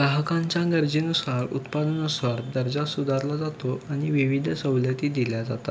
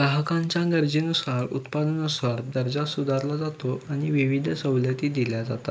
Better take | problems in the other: first | noise reduction (neural mask model Resemble Enhance denoiser)

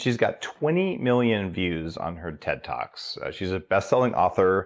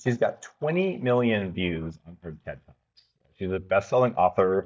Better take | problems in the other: first | noise reduction (neural mask model DeepFilterNet 3)

